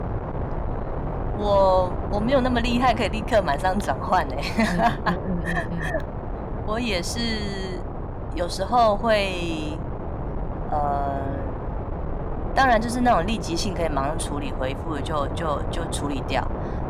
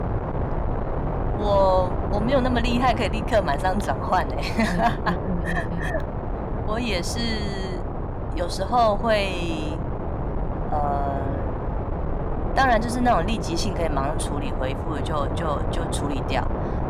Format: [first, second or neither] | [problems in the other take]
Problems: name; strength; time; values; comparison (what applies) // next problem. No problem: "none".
first | wind noise on the microphone; heavy; 8 dB below the speech; occasional gusts in the first